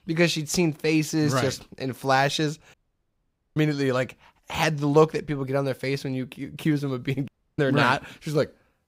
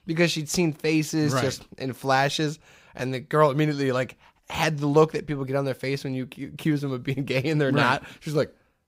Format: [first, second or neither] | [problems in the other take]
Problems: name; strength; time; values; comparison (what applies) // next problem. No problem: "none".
second | audio cutting out; at 2.5 s for 1 s and at 7.5 s